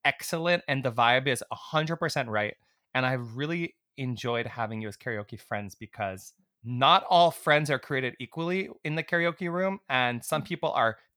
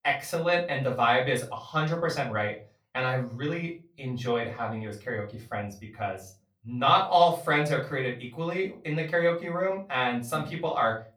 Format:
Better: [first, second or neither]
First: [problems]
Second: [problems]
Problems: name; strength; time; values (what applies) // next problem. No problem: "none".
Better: first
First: none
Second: off-mic speech; far // room echo; slight; dies away in 0.3 s